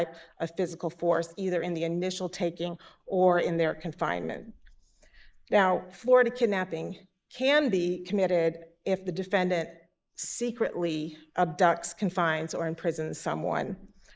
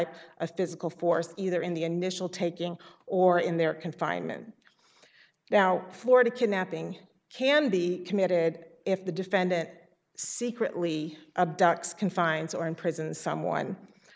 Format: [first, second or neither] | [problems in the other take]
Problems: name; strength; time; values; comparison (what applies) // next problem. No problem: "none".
second | noise reduction (neural mask model Resemble Enhance denoiser)